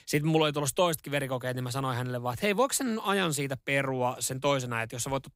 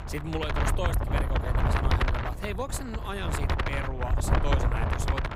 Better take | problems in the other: first | wind noise on the microphone; heavy; 4 dB above the speech

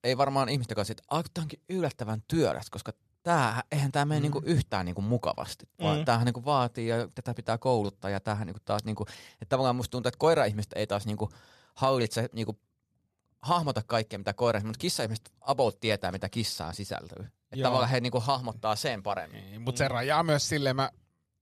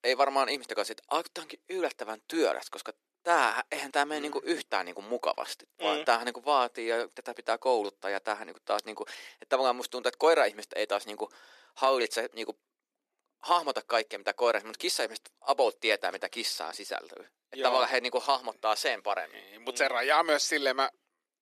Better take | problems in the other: first | thin; very; fading below 300 Hz

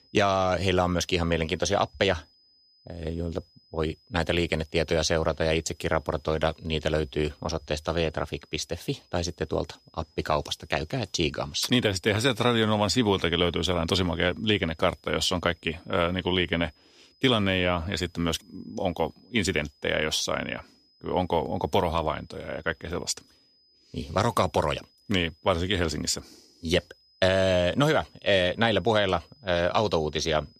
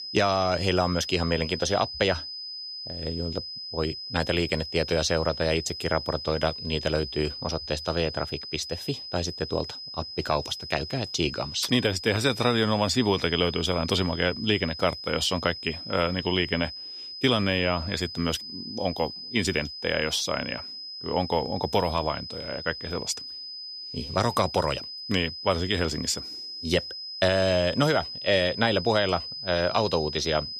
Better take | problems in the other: first | high-pitched whine; loud; throughout; 5 kHz, 8 dB below the speech; faint in the first

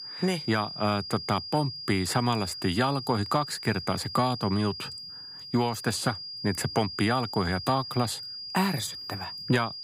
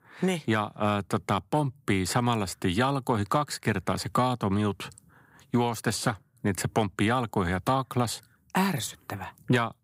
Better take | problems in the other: second | high-pitched whine; loud; throughout; 5 kHz, 8 dB below the speech

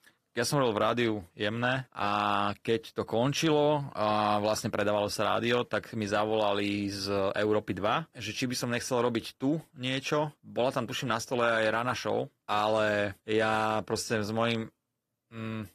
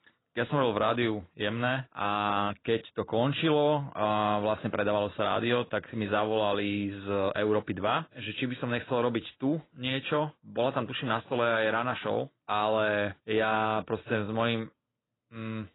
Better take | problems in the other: first | garbled, watery; badly; nothing above 4 kHz; slightly in the first

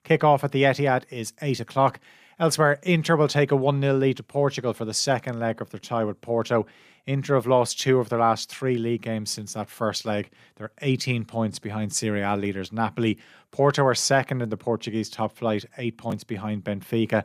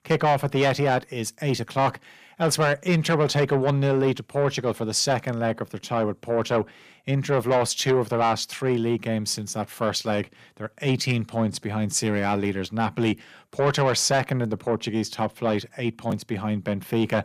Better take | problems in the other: first | distortion; slight; 10 dB below the speech

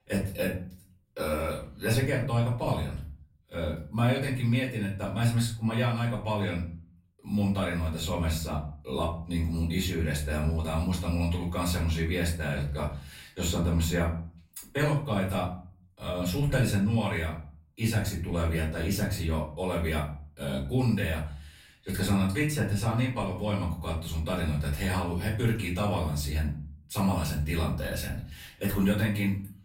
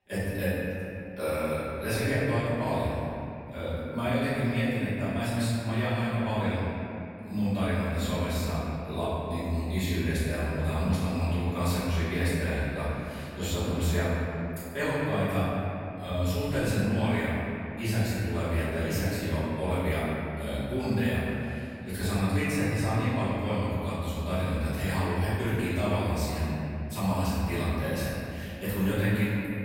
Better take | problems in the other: first | room echo; strong; dies away in 2.8 s; slight in the first // off-mic speech; far; far in the first

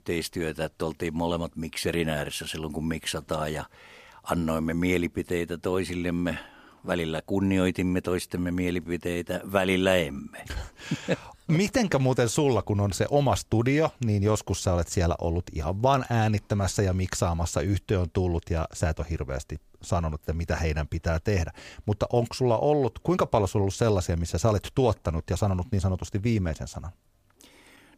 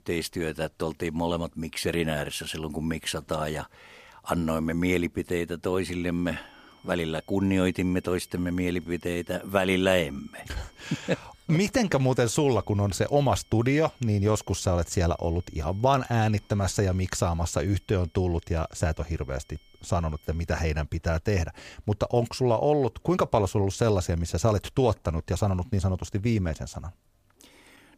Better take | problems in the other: first | high-pitched whine; faint; from 6 to 20 s; 3 kHz, 35 dB below the speech

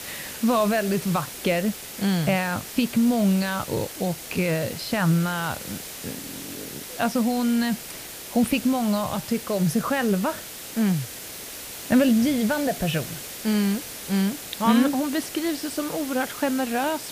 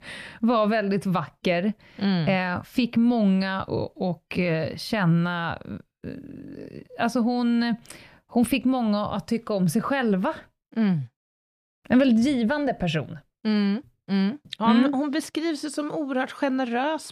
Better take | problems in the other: second | hiss; noticeable; throughout; 10 dB below the speech

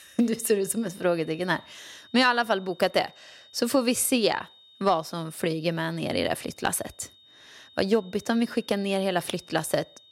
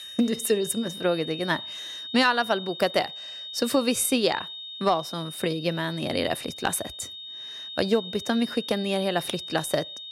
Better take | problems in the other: first | high-pitched whine; loud; throughout; 3.5 kHz, 9 dB below the speech; faint in the first

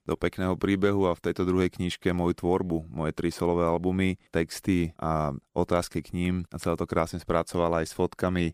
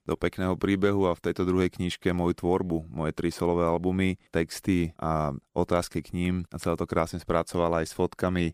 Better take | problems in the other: neither | none

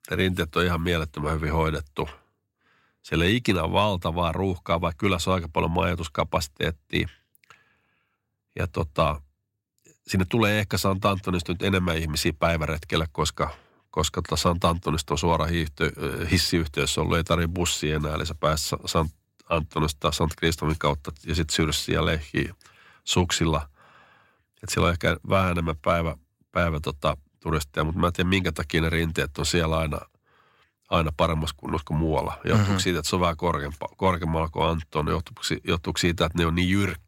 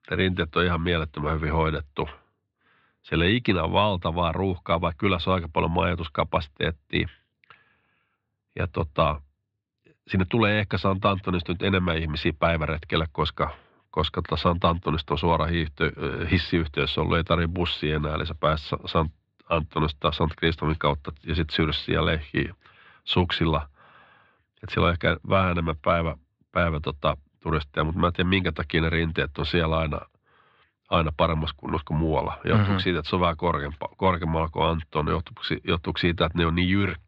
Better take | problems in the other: first | muffled; slightly; fading above 3.5 kHz

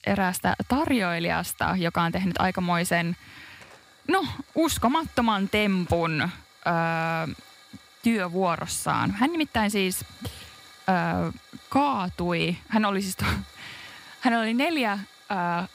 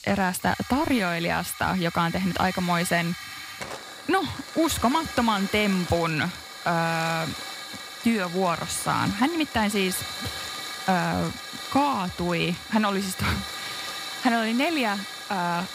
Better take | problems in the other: first | hiss; loud; throughout; 9 dB below the speech; faint in the first

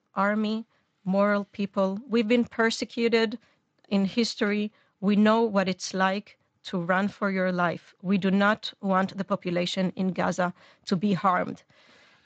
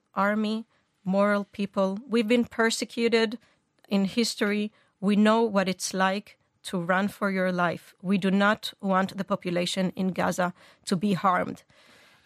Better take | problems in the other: second | garbled, watery; slightly; nothing above 7.5 kHz

